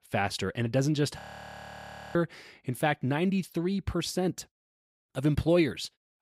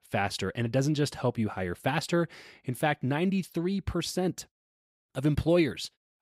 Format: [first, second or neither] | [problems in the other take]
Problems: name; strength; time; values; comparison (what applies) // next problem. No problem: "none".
second | audio freezing; at 1 s for 1 s